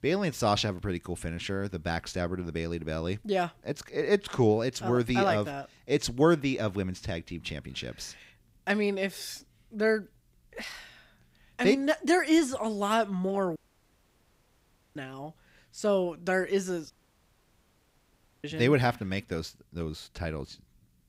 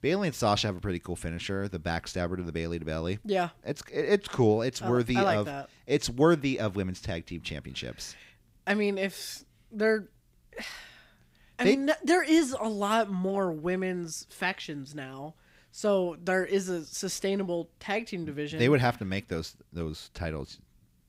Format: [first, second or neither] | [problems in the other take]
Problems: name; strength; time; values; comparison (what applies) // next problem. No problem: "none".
second | audio cutting out; at 14 s for 1.5 s and at 17 s for 1.5 s